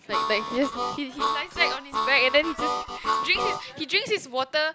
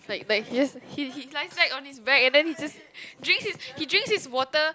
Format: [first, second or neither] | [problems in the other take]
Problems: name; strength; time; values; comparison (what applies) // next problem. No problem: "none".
second | background sound (Harmonica); 2 dB below the speech